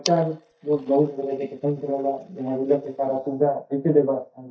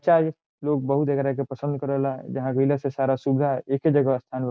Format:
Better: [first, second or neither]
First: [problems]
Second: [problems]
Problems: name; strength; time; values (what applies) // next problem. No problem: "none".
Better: second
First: noise reduction (neural mask model DeepFilterNet 3)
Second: none